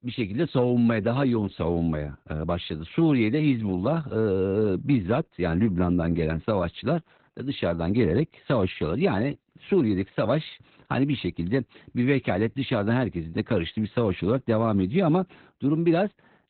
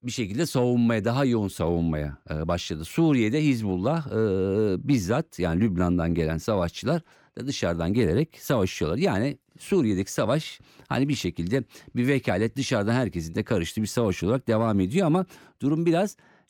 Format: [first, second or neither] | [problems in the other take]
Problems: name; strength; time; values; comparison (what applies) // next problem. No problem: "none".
second | garbled, watery; badly; nothing above 4 kHz